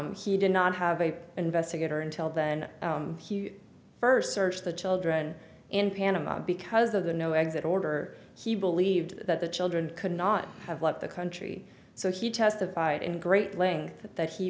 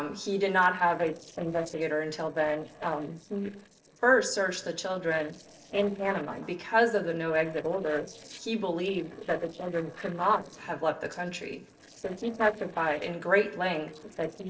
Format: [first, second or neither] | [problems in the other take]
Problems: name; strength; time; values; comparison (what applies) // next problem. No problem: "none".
first | noise reduction (neural separator model SepFormer DNS4)